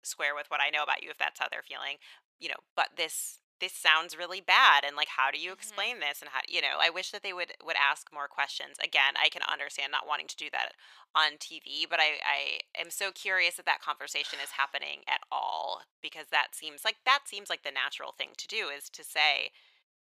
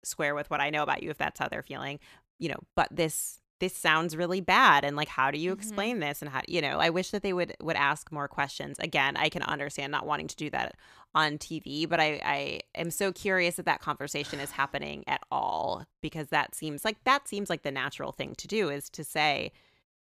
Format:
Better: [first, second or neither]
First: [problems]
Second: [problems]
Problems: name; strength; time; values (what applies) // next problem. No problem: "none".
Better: second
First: thin; very; fading below 800 Hz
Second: none